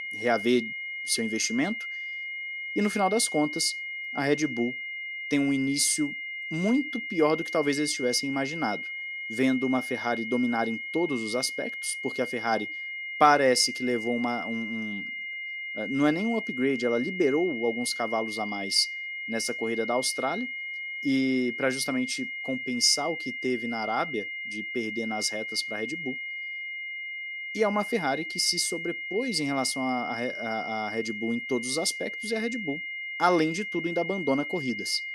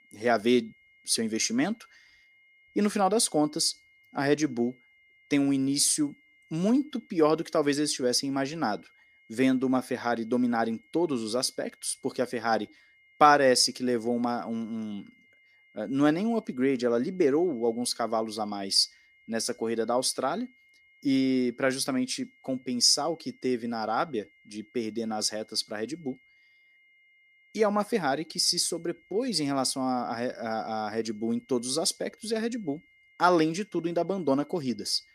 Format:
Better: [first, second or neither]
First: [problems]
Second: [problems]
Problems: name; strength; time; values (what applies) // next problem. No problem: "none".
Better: second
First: high-pitched whine; loud; throughout; 2 kHz, 5 dB below the speech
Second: high-pitched whine; faint; throughout; 2 kHz, 30 dB below the speech